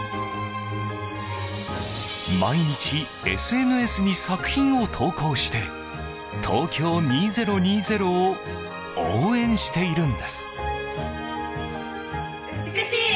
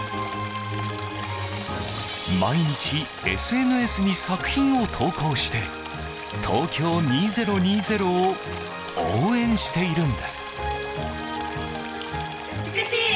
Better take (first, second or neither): first